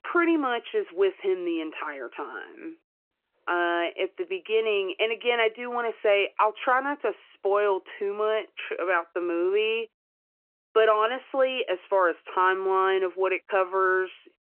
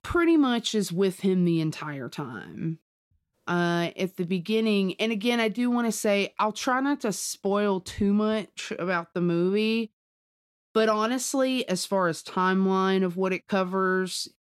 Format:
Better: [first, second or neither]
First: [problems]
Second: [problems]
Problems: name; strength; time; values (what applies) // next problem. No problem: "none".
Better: second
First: phone-call audio; nothing above 3 kHz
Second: none